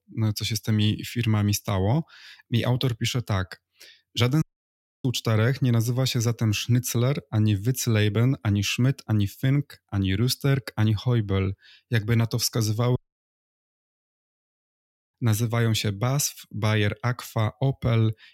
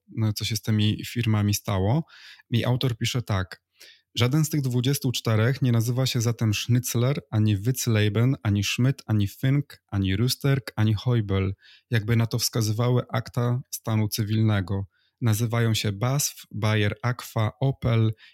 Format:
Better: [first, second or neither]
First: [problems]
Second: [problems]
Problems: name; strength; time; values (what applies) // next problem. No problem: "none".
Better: second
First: audio cutting out; at 4.5 s for 0.5 s and at 13 s for 2 s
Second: none